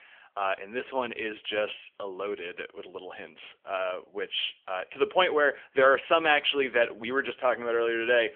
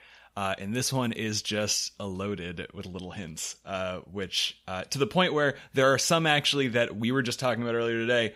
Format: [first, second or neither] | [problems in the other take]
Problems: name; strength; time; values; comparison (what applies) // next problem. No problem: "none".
second | phone-call audio; nothing above 3.5 kHz